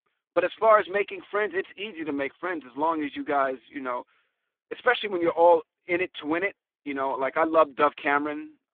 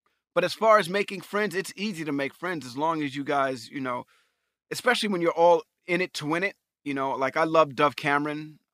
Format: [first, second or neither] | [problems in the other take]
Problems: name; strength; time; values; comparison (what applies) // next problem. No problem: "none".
second | phone-call audio; poor line; nothing above 3.5 kHz